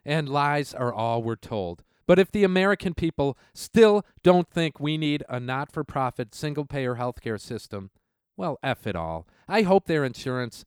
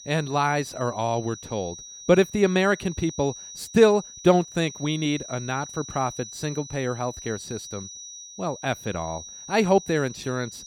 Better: first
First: none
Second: high-pitched whine; noticeable; throughout; 6 kHz, 15 dB below the speech

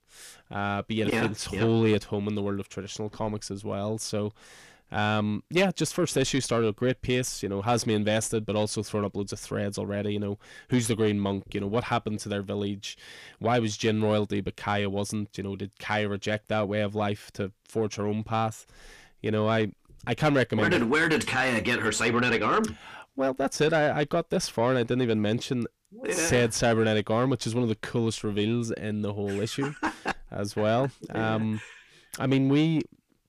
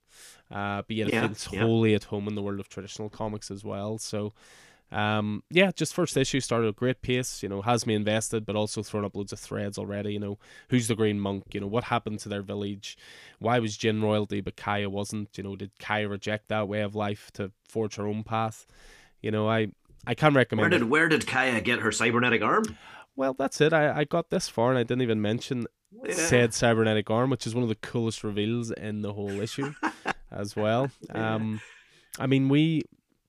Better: second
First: distortion; slight; 10 dB below the speech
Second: none

